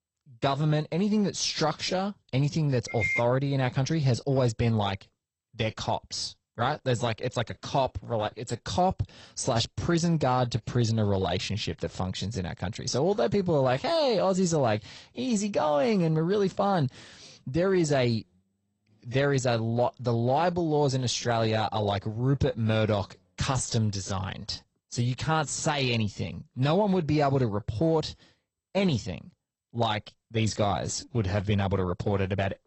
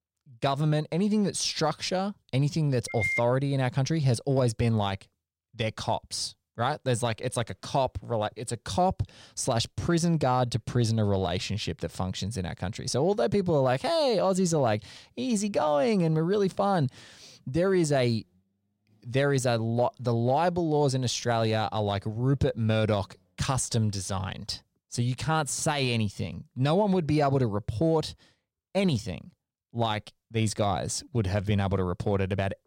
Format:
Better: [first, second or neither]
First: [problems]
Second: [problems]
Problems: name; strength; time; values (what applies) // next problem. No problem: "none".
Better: second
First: garbled, watery; slightly; nothing above 8.5 kHz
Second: none